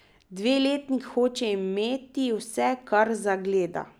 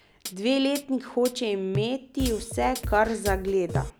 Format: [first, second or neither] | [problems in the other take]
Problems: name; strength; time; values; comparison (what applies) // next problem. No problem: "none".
first | background sound (Drum kit + Hi-hat); 8 dB below the speech